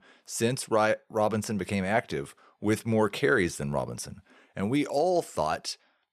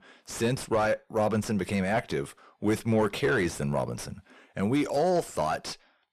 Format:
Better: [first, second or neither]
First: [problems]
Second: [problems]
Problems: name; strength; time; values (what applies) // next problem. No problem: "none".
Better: first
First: none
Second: distortion; slight; 10 dB below the speech